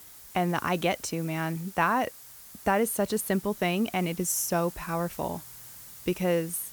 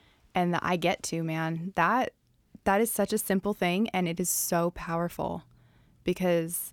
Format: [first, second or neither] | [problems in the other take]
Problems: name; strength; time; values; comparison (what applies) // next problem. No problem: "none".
second | hiss; noticeable; throughout; 15 dB below the speech